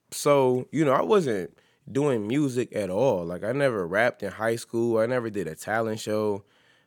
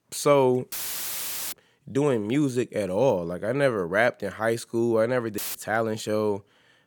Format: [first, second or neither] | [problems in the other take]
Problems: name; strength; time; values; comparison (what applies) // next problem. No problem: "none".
first | audio cutting out; filled with static; at 0.5 s for 1 s and at 5.5 s